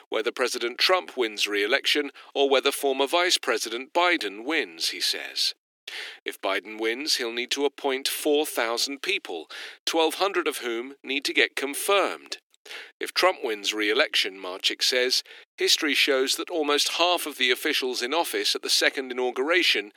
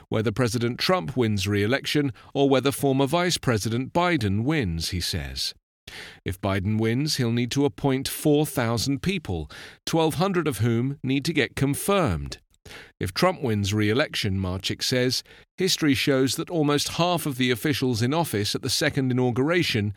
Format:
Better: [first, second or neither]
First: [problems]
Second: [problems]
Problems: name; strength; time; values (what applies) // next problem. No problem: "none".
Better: second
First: thin; very; fading below 350 Hz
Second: none